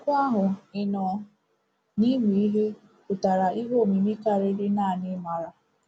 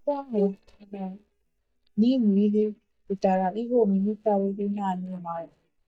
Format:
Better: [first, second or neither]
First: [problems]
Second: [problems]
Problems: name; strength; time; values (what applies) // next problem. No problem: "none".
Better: first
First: none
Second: noise reduction (neural mask model DeepFilterNet 3)